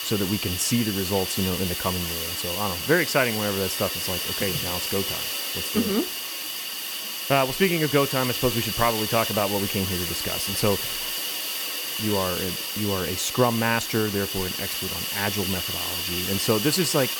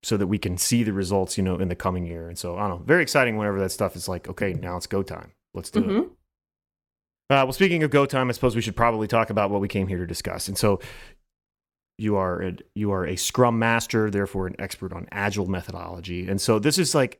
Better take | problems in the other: second | hiss; loud; throughout; 1 dB below the speech

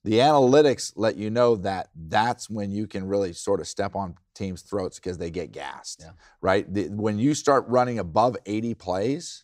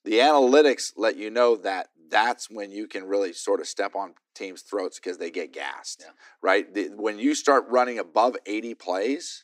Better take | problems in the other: first | thin; very slightly; fading below 250 Hz

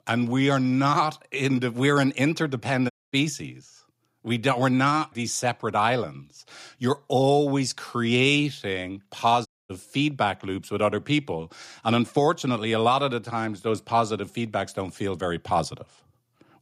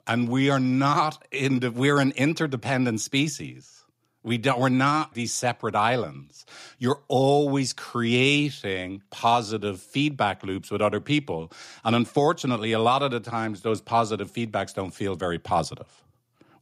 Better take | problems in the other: second | audio cutting out; at 3 s and at 9.5 s

